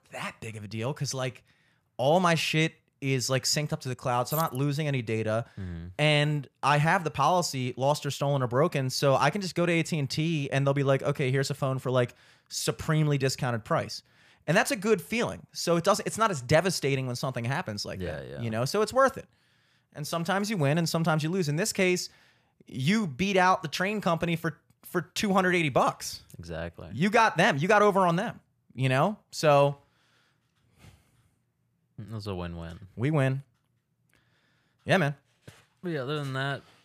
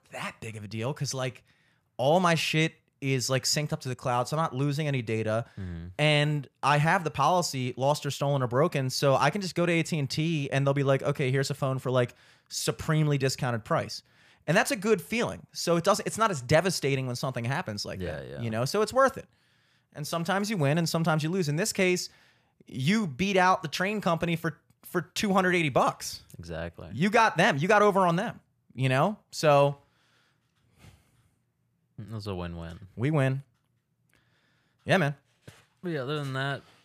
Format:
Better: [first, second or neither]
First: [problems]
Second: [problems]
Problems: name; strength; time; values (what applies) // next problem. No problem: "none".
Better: second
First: jangling keys; noticeable; at 4.5 s; peak 10 dB below the speech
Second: none